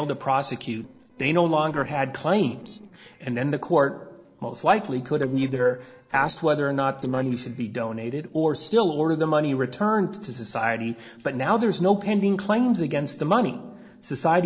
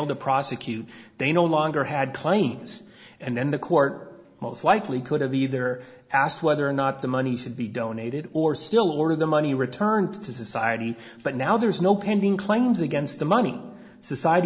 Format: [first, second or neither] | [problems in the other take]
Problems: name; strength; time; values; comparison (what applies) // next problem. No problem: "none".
second | noise reduction (neural separator model SepFormer DNS4)